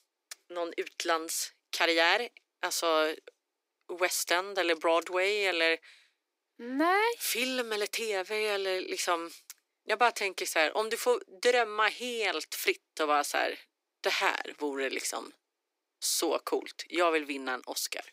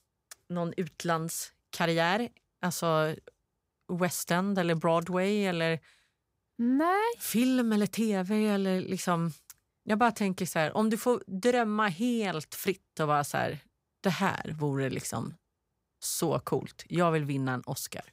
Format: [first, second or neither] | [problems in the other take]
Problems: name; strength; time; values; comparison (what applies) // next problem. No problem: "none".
second | thin; very; fading below 300 Hz